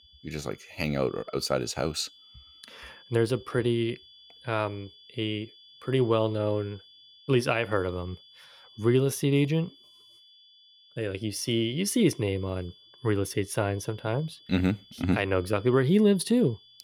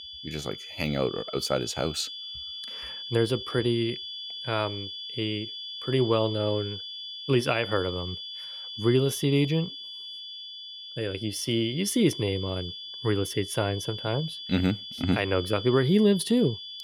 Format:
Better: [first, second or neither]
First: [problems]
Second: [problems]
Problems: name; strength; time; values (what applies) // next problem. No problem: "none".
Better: first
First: high-pitched whine; faint; throughout; 3.5 kHz, 25 dB below the speech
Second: high-pitched whine; loud; throughout; 3.5 kHz, 9 dB below the speech